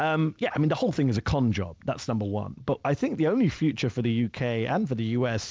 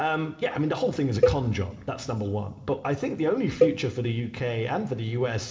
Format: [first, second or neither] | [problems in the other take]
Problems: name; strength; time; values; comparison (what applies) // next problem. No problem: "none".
first | background sound (Cowbell); 2 dB below the speech // room echo; dies away in 2.6 s